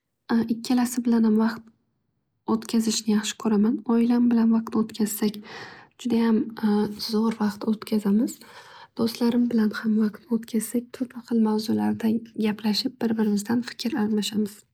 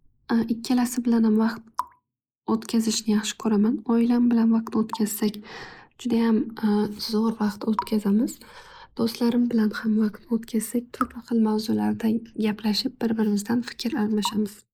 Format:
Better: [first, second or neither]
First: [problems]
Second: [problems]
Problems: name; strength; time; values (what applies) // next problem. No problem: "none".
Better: first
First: none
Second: noise reduction (neural mask model Resemble Enhance denoiser)